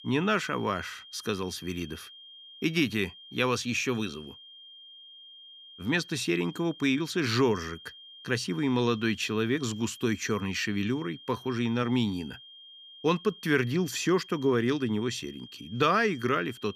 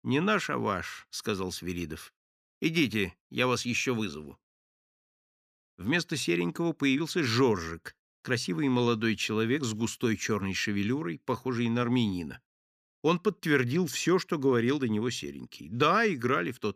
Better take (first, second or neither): second